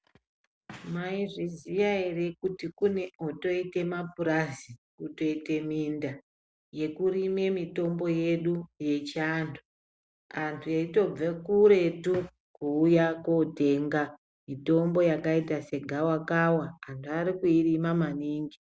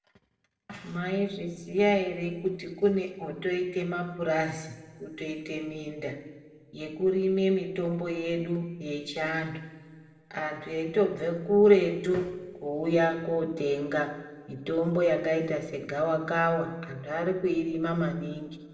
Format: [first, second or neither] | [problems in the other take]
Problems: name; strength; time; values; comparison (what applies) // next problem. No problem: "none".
first | room echo; dies away in 1.7 s